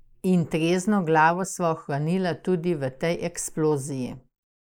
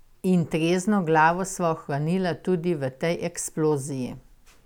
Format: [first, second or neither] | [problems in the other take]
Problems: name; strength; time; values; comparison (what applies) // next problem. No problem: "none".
second | noise reduction (neural mask model Resemble Enhance denoiser)